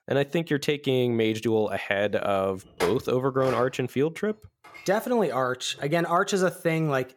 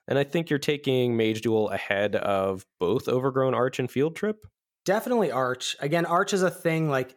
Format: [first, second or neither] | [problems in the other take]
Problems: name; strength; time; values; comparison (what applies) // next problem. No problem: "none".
second | clattering dishes; noticeable; from 3 to 6 s; peak 8 dB below the speech